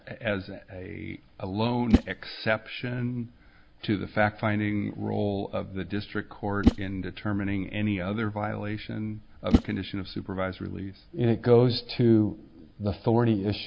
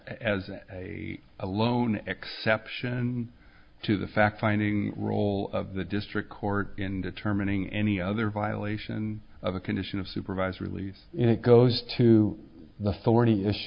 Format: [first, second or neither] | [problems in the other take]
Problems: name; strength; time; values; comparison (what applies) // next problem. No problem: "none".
second | background sound (Whoosh, swoosh, swish); 3 dB below the speech